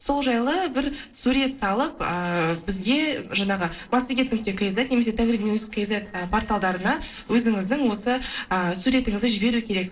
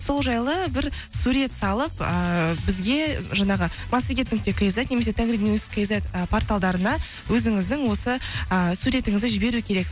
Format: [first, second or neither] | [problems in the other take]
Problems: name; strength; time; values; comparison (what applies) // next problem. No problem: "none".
second | noise reduction (neural separator model SepFormer DNS4)